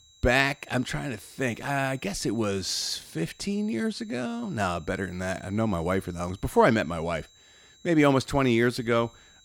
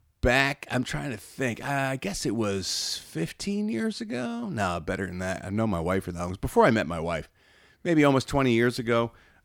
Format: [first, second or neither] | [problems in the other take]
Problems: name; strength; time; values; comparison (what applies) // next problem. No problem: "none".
second | high-pitched whine; faint; throughout; 4 kHz, 25 dB below the speech